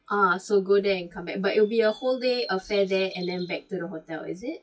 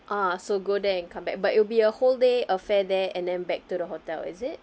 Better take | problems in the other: second | noise reduction (classical method WPE with log-MMSE)

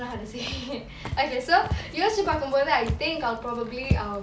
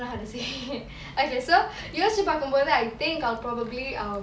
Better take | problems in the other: second | background sound (Walk, footsteps); 7 dB below the speech

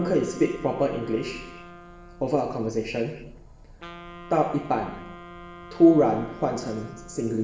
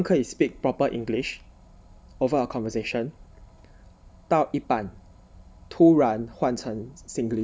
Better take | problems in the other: second | background sound (Wind instrument, woodwind instrument); 19 dB below the speech // room echo; dies away in 0.9 s

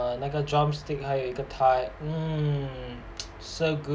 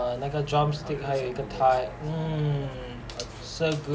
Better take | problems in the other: first | background sound (Burping, eructation); 13 dB below the speech

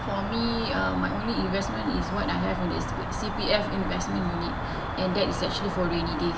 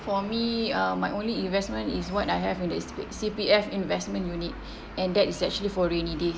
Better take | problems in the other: second | background sound (Cricket); 3 dB below the speech // room echo; dies away in 1.6 s

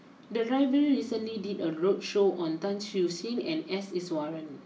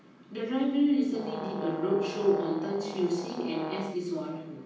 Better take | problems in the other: first | background sound (Brass instrument); 10 dB below the speech // room echo; dies away in 0.9 s

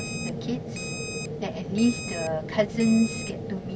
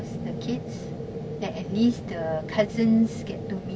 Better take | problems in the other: second | background sound (Alarm); 12 dB below the speech

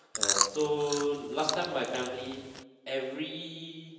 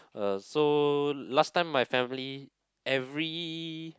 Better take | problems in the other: second | background sound (Chewing, mastication); as loud as the speech // room echo; dies away in 1 s

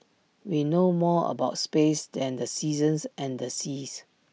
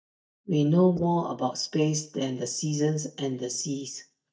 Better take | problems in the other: first | noise reduction (neural mask model DeepFilterNet 3)

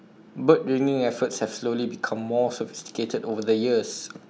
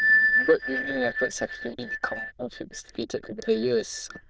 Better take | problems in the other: first | noise reduction (neural diffusion model UNIVERSE++)

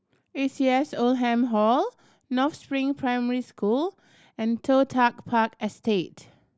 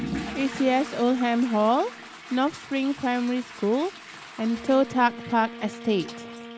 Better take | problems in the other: first | background sound (Wind instrument, woodwind instrument + Toilet flush / Water); 13 dB below the speech

